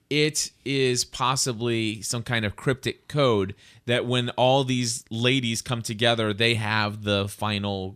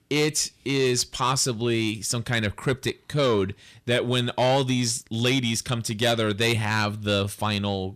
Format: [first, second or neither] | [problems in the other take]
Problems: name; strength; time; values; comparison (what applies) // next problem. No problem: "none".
first | distortion; slight; 10 dB below the speech